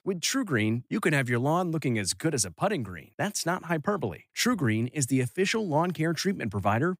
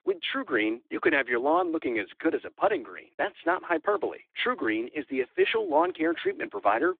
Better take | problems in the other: first | phone-call audio; nothing above 3.5 kHz

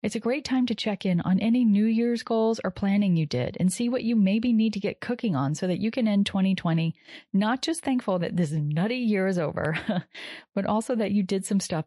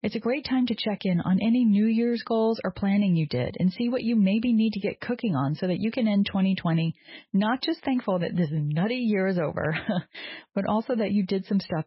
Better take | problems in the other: first | garbled, watery; badly; nothing above 5.5 kHz; slightly in the first

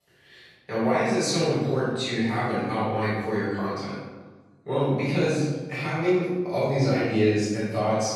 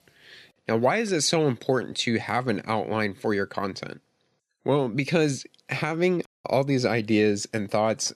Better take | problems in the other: second | room echo; strong; dies away in 1.1 s // off-mic speech; far

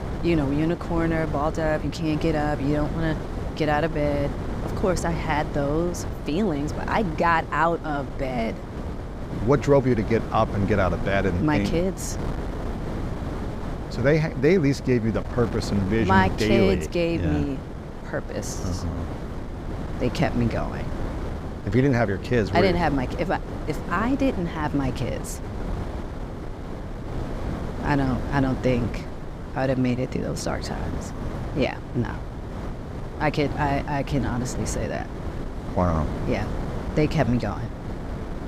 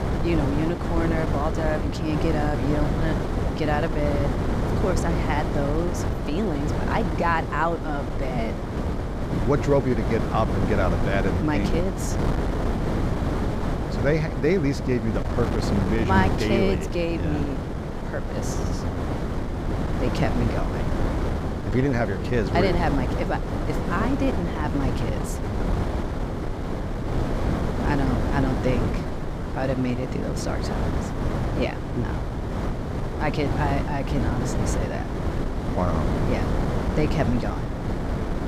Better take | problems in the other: first | wind noise on the microphone; heavy; 3 dB below the speech; occasional gusts in the first

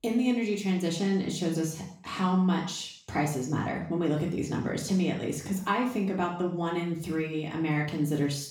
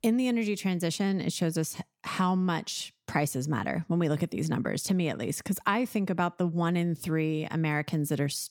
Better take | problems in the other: second | room echo; noticeable; dies away in 0.5 s // off-mic speech; far

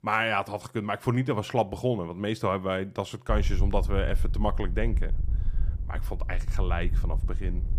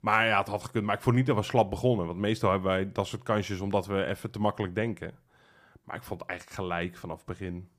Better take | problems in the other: second | wind noise on the microphone; occasional gusts; from 3.5 s on; 20 dB below the speech

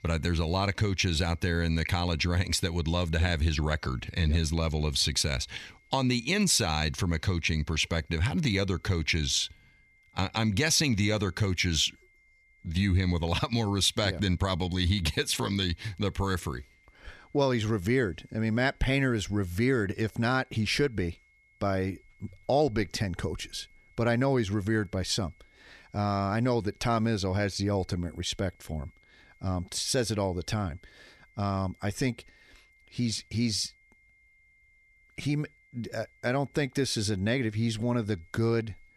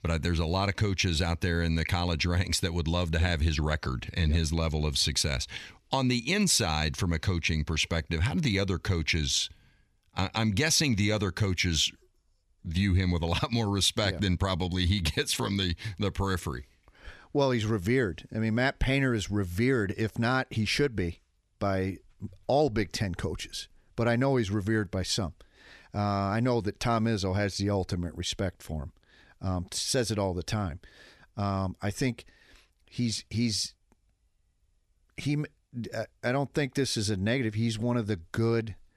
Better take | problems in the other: second | high-pitched whine; faint; throughout; 2 kHz, 35 dB below the speech

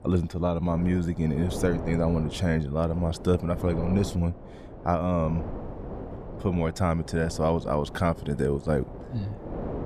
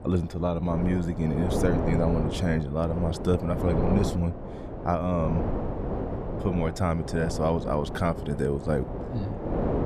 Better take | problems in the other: first | wind noise on the microphone; heavy; 4 dB below the speech; occasional gusts in the first

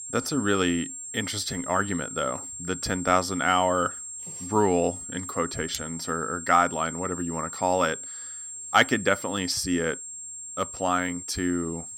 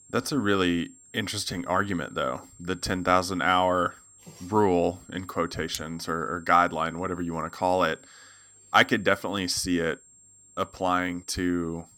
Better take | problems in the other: second | high-pitched whine; loud; throughout; 7.5 kHz, 9 dB below the speech; faint in the second

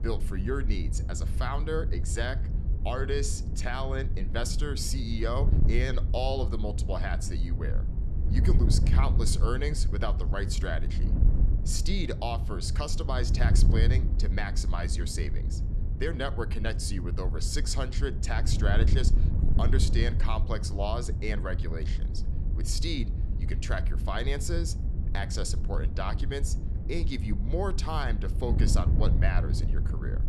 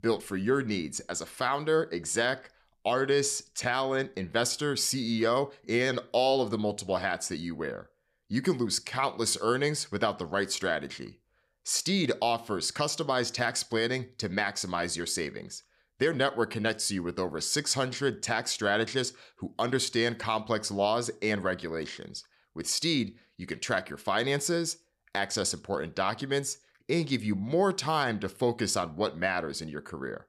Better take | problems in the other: second | wind noise on the microphone; heavy; 9 dB below the speech

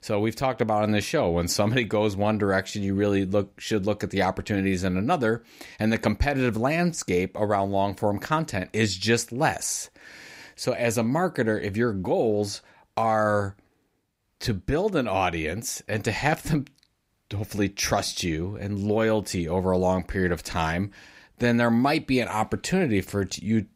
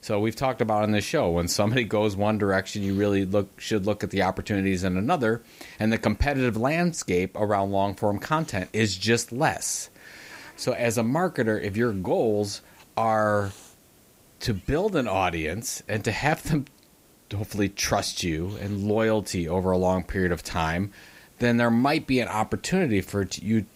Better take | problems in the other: first | hiss; faint; throughout; 30 dB below the speech

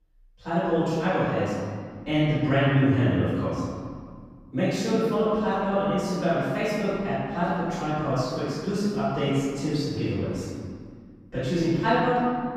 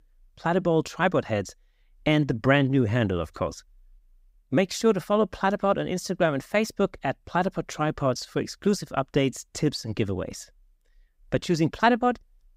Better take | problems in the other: second | room echo; strong; dies away in 1.9 s // off-mic speech; far

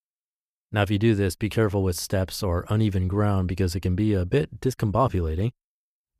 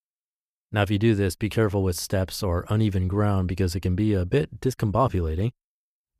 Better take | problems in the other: neither | none

